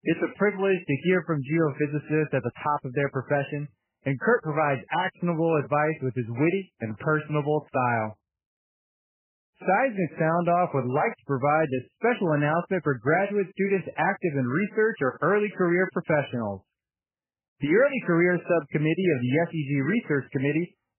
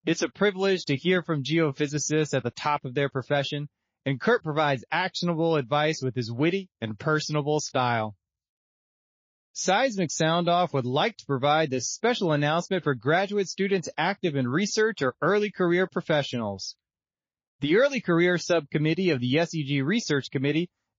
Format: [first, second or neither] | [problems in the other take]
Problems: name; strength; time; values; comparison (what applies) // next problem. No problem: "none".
second | garbled, watery; badly; nothing above 3 kHz; slightly in the second